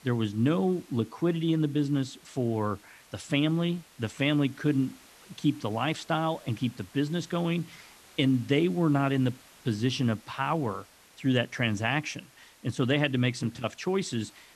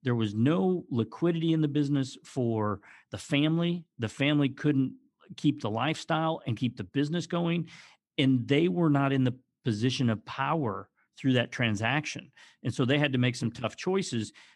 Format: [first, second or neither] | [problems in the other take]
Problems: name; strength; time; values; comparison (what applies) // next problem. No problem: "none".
second | hiss; faint; throughout; 25 dB below the speech